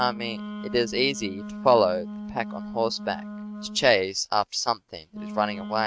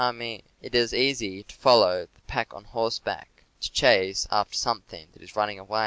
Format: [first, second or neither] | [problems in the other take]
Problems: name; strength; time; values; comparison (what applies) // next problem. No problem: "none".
second | noise reduction (neural mask model RNNoise)